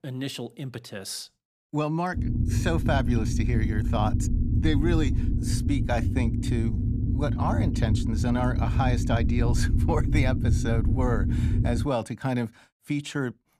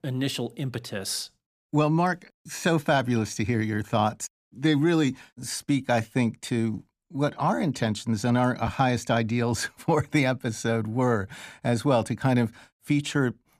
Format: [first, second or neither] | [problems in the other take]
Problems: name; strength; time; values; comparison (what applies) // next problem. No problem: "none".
second | low rumble; loud; from 2 to 12 s; 6 dB below the speech